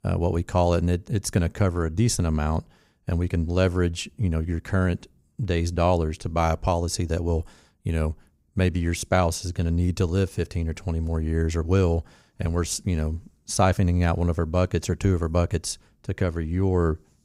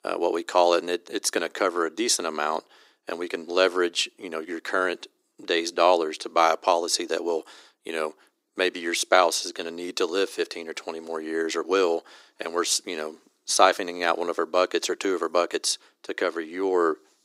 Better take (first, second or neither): first